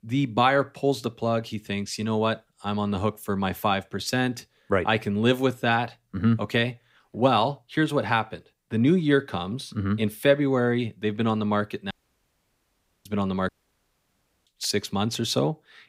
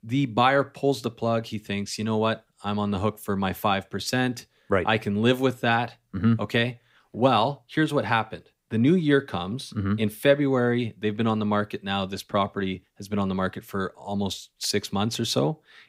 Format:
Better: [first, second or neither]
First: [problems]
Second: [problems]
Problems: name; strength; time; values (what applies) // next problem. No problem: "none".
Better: second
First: audio cutting out; at 12 s for 1 s and at 13 s for 1 s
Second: none